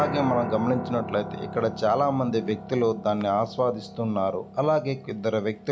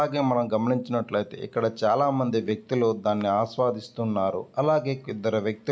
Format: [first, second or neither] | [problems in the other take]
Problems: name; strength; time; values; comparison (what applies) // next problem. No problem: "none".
second | background sound (Piano); 11 dB below the speech